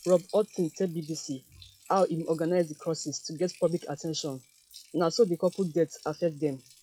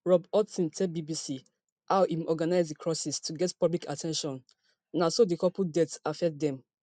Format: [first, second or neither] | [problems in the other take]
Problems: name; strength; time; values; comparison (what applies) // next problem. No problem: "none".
second | noise reduction (classical method log-MMSE)